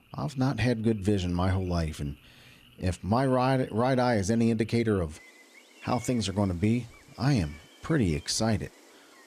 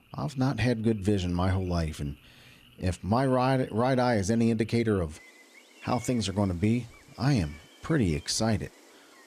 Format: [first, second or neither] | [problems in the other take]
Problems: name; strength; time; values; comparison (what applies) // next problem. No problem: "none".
neither | animal sounds; faint; throughout; 25 dB below the speech; the same in both